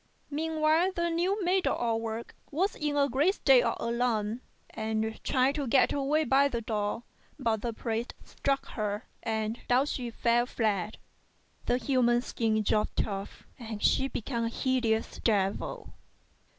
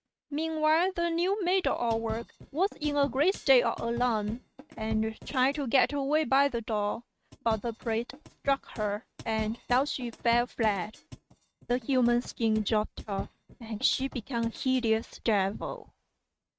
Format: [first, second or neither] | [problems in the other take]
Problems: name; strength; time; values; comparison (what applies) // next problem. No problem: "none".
first | noise reduction (neural mask model RNNoise)